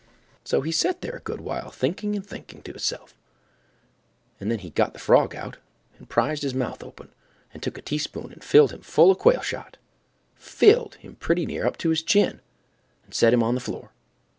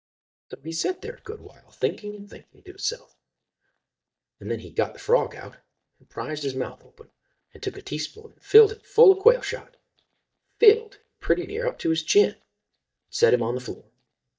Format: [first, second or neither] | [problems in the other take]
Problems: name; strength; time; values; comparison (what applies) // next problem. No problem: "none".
first | noise reduction (neural mask model DeepFilterNet 3)